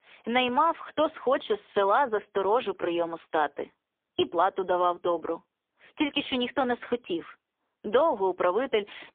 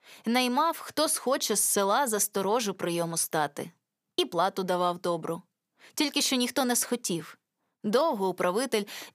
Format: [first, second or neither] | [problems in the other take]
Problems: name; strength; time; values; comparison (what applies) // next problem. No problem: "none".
second | phone-call audio; poor line; nothing above 3.5 kHz